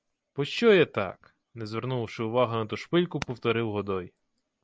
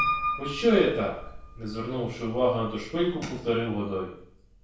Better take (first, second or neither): first